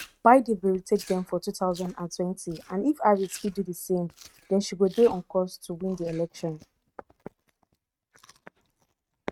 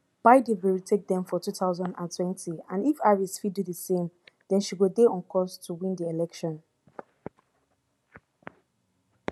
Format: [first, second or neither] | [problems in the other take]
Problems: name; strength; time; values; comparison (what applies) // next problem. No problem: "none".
second | noise reduction (neural mask model RNNoise)